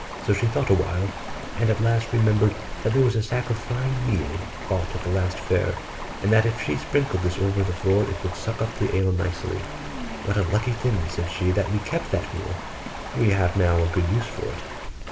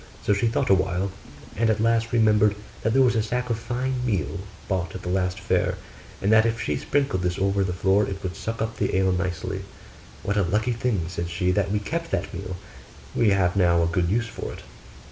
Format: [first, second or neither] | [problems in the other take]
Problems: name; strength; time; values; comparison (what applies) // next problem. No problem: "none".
second | background sound (Chewing, mastication + Stream); 10 dB below the speech